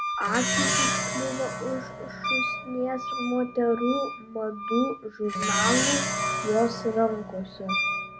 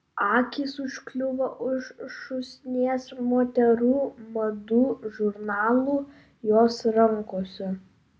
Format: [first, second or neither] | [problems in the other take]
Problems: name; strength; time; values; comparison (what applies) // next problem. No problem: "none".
second | background sound (Wind instrument, woodwind instrument + Plucked string instrument); as loud as the speech